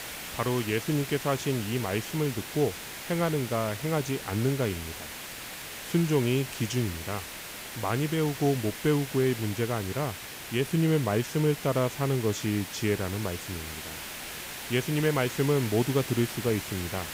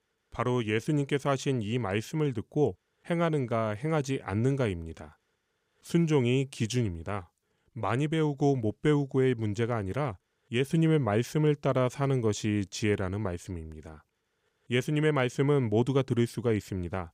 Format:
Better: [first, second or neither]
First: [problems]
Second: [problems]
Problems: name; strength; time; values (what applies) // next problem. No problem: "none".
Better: second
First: hiss; loud; throughout; 9 dB below the speech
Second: none